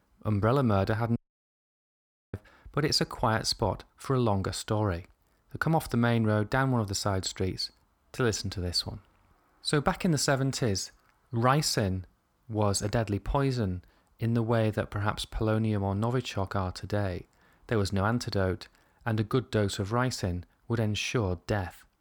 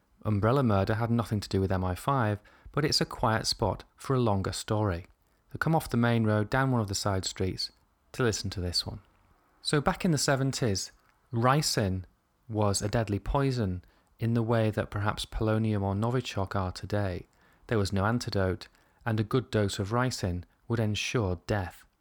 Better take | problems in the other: second | audio cutting out; at 1 s for 1 s

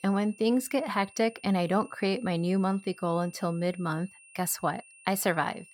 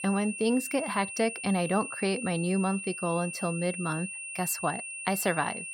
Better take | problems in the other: first | high-pitched whine; loud; throughout; 2.5 kHz, 7 dB below the speech; faint in the first

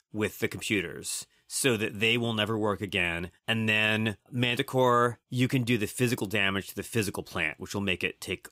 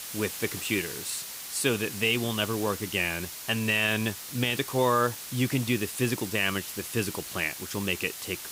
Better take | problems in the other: first | hiss; loud; throughout; 8 dB below the speech

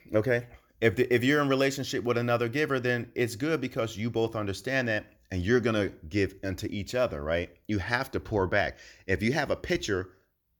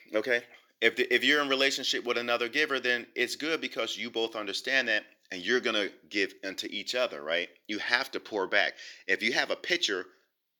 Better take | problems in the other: first | thin; somewhat; fading below 300 Hz

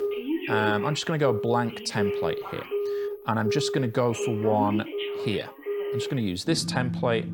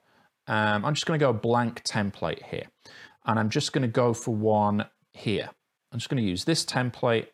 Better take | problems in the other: second | alarms or sirens; loud; throughout; 4 dB below the speech

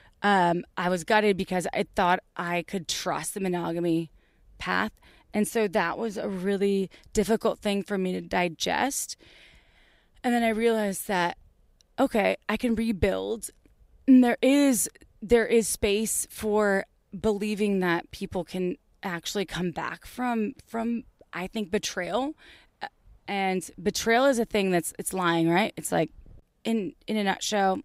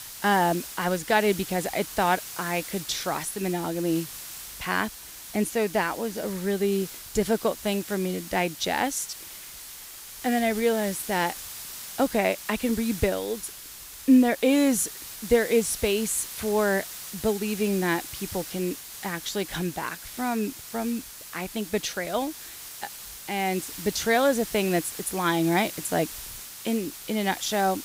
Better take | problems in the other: first | hiss; noticeable; throughout; 10 dB below the speech

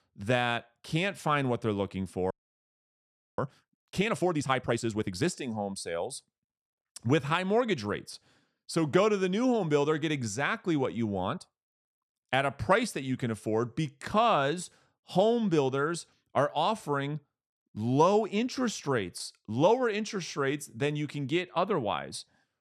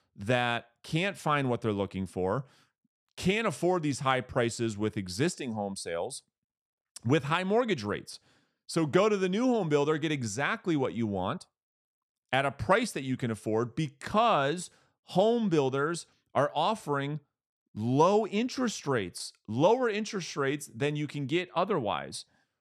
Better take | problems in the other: second | audio freezing; at 2.5 s for 1 s

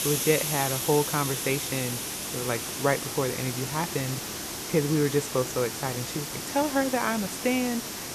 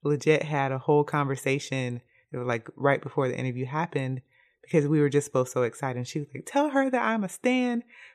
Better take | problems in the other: second | hiss; loud; throughout; 3 dB below the speech

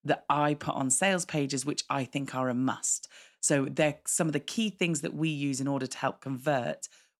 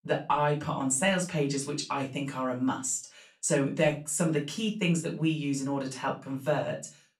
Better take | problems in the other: first | off-mic speech; far // room echo; very slight; dies away in 0.3 s

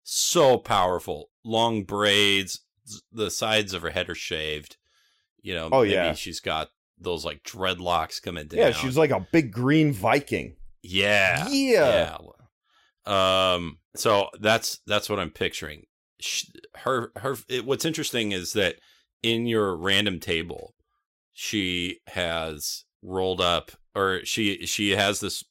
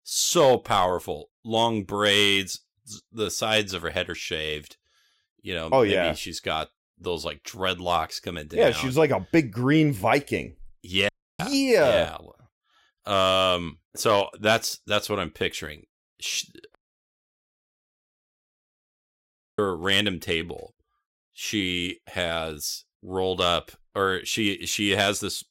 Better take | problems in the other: first | audio cutting out; at 11 s and at 17 s for 3 s

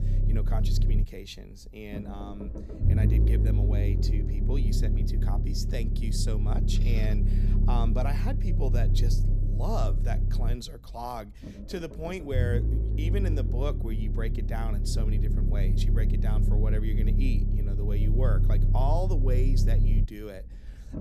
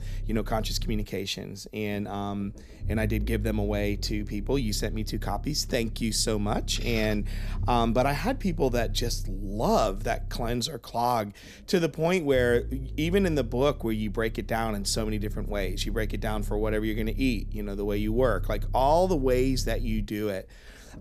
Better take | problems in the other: second | low rumble; loud; throughout; 4 dB below the speech; faint in the second

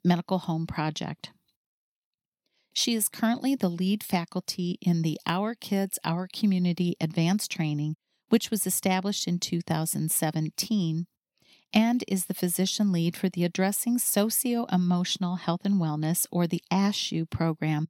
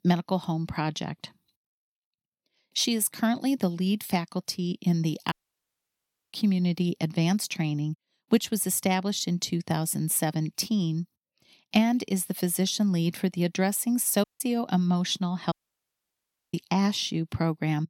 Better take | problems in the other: first | audio cutting out; at 5.5 s for 1 s, at 14 s and at 16 s for 1 s

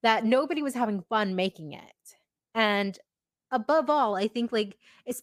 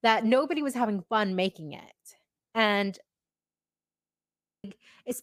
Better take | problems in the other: first | audio freezing; at 3.5 s for 1.5 s

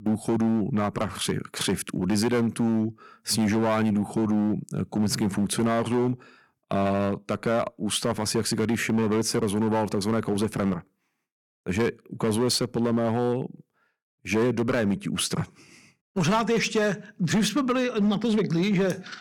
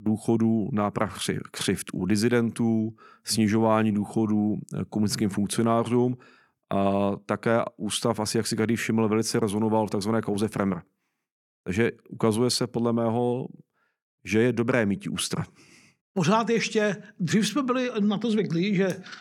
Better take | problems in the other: second | distortion; slight; 8% of the sound clipped

